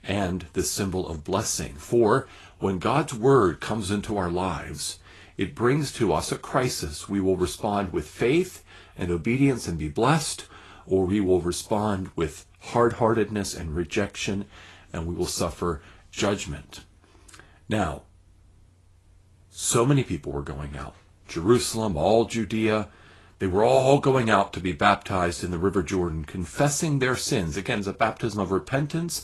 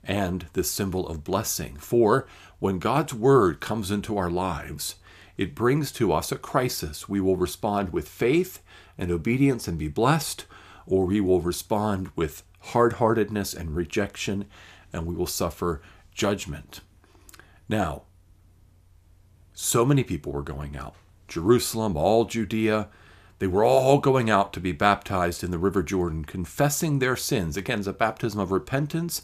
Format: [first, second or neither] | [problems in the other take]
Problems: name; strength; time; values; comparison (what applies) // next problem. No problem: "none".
second | garbled, watery; slightly; nothing above 11.5 kHz